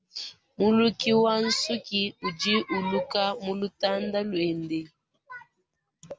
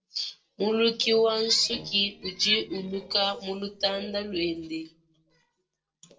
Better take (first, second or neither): first